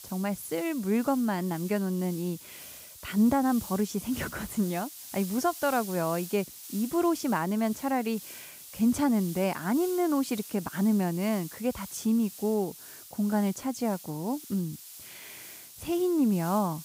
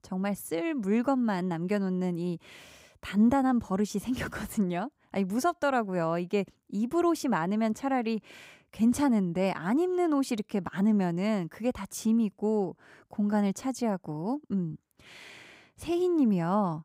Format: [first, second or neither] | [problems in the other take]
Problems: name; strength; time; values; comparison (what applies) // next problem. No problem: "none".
second | hiss; noticeable; throughout; 15 dB below the speech